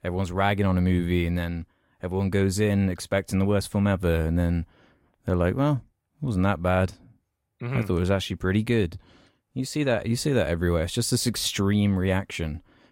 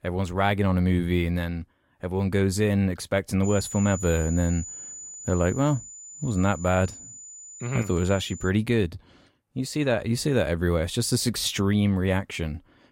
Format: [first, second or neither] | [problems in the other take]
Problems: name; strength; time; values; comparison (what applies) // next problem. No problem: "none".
first | high-pitched whine; noticeable; from 3.5 to 8.5 s; 7 kHz, 15 dB below the speech